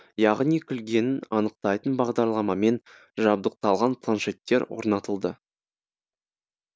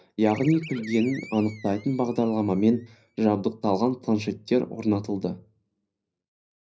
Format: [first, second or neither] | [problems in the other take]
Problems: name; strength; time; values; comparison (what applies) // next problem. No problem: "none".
first | background sound (Animal); 19 dB below the speech // room echo; dies away in 0.4 s